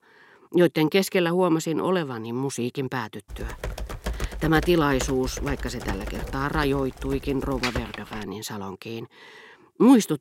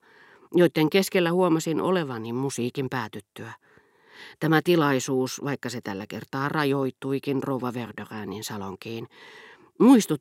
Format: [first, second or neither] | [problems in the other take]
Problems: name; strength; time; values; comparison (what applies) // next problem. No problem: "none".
second | keyboard typing; noticeable; from 3.5 to 8 s; peak 5 dB below the speech